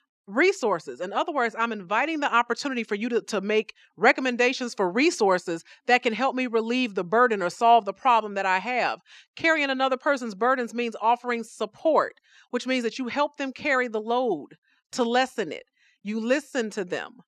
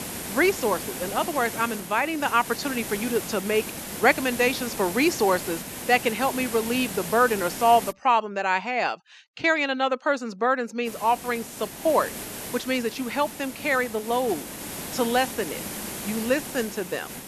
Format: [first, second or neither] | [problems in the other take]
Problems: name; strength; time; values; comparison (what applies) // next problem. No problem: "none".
first | hiss; loud; until 8 s and from 11 s on; 9 dB below the speech